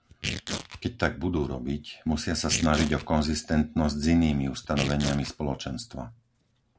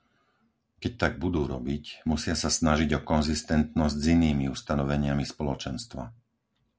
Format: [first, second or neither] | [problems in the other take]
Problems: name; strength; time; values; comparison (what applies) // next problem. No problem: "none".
second | background sound (Tearing); 11 dB below the speech